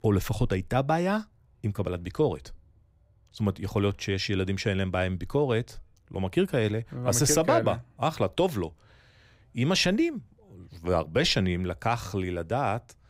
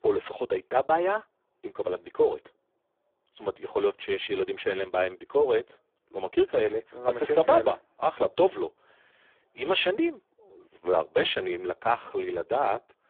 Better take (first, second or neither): first